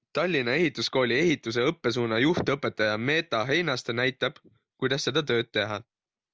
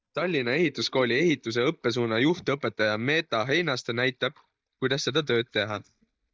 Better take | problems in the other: first | noise reduction (neural mask model DeepFilterNet 3)

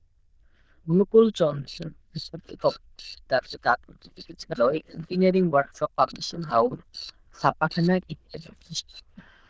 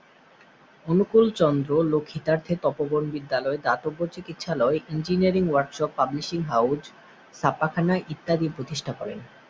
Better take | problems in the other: second | noise reduction (neural diffusion model UNIVERSE++)

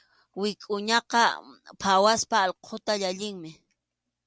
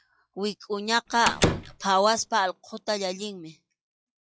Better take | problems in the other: first | noise reduction (classical method log-MMSE)

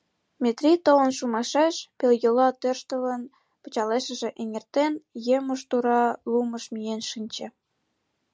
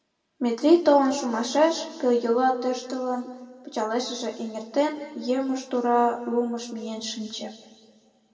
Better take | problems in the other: first | room echo; dies away in 1.7 s

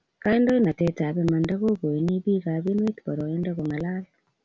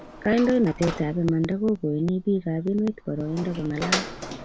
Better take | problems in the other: first | background sound (Door); 11 dB below the speech

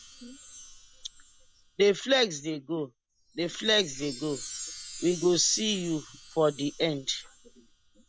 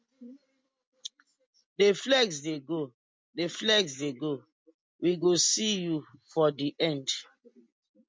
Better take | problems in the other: second | background sound (Chime); 16 dB below the speech

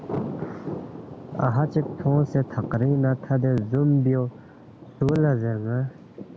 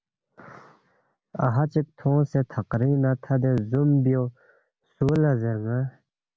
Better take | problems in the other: second | background sound (Thunder); 12 dB below the speech

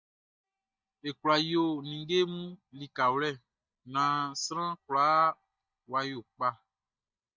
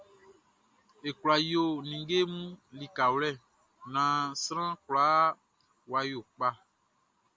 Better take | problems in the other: second | noise reduction (neural mask model DeepFilterNet 3)

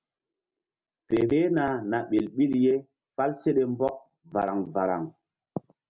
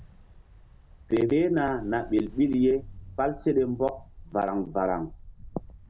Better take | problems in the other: first | background sound (Ocean); 18 dB below the speech

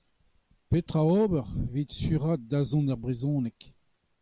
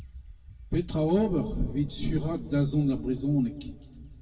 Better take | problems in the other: first | background sound (Bird); 18 dB below the speech // room echo; dies away in 1.6 s

